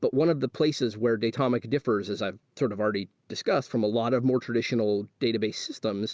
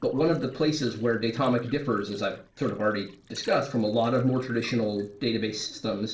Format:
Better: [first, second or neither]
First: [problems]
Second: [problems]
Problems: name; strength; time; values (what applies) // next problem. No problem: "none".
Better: first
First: none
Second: noise reduction (neural separator model SepFormer DNS4)